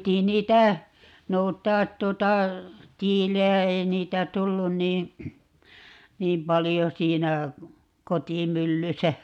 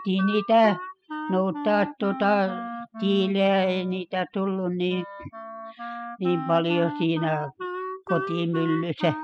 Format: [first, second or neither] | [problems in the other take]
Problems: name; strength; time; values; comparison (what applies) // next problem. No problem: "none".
first | noise reduction (classical method spectral subtraction)